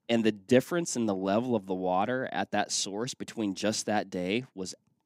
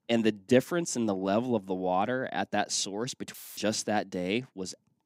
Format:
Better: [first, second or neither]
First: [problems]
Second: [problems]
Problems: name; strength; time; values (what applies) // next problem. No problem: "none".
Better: first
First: none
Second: audio cutting out; filled with static; at 3.5 s